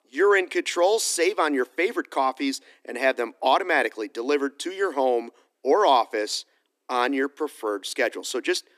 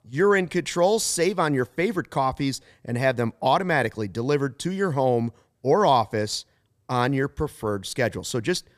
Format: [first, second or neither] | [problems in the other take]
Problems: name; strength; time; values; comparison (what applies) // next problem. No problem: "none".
second | thin; very slightly; fading below 250 Hz